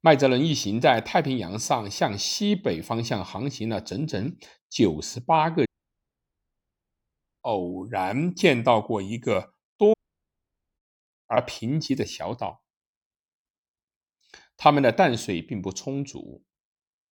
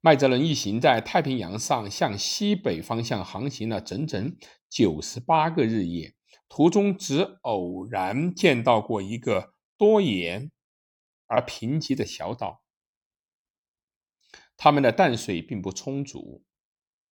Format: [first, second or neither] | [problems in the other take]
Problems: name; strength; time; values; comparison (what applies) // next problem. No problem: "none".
second | audio cutting out; at 5.5 s for 2 s and at 10 s for 1 s